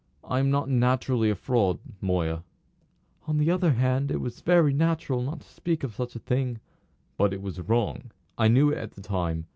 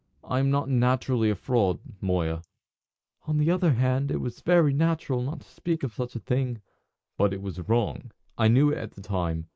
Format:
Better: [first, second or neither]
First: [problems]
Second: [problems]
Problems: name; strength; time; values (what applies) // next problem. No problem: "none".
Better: first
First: none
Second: noise reduction (neural mask model Resemble Enhance denoiser)